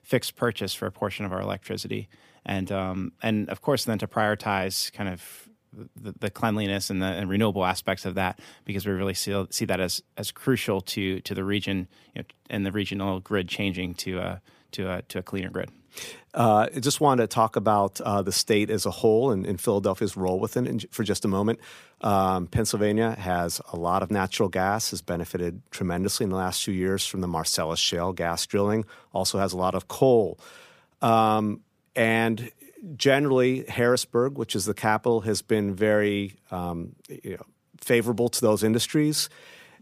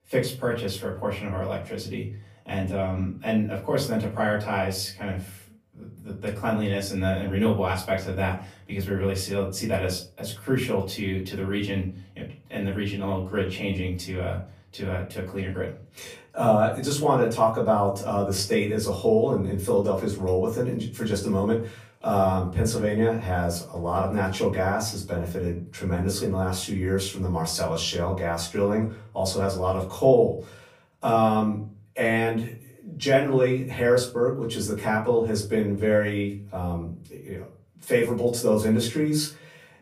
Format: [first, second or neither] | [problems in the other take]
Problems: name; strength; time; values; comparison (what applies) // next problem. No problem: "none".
first | room echo; slight; dies away in 0.4 s // off-mic speech; far